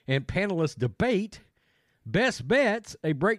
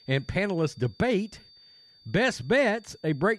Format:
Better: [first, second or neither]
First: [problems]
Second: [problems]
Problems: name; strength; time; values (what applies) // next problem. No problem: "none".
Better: first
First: none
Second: high-pitched whine; faint; throughout; 4.5 kHz, 25 dB below the speech